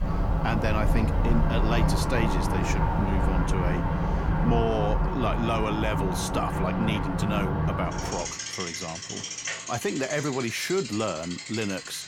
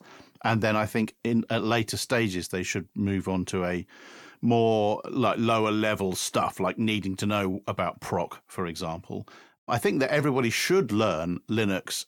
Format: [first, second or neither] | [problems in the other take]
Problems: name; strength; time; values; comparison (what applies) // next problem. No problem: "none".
second | traffic noise; very loud; throughout; 2 dB above the speech